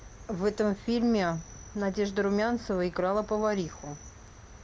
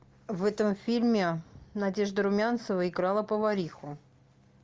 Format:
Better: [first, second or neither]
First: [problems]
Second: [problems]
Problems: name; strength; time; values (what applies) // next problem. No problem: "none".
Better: second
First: background sound (Cricket); 18 dB below the speech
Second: none